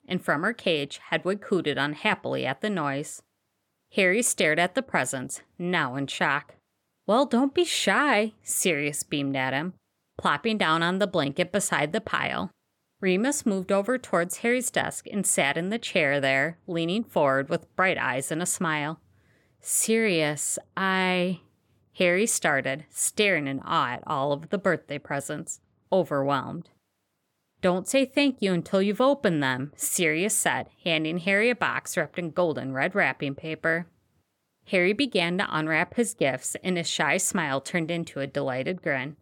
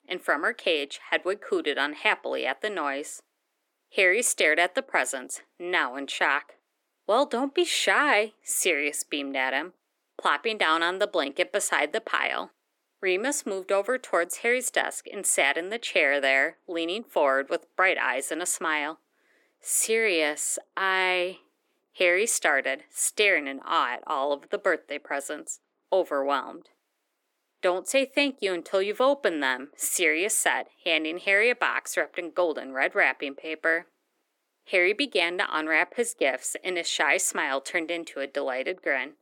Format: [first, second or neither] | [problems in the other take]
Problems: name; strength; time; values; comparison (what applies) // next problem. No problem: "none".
first | thin; somewhat; fading below 300 Hz